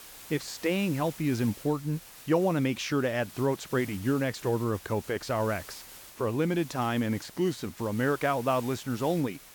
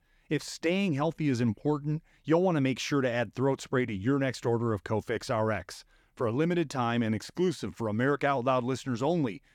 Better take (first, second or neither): second